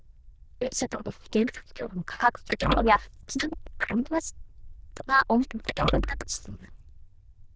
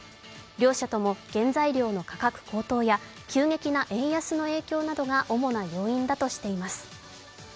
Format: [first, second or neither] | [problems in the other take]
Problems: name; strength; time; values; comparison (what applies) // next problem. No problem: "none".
second | noise reduction (neural diffusion model UNIVERSE++)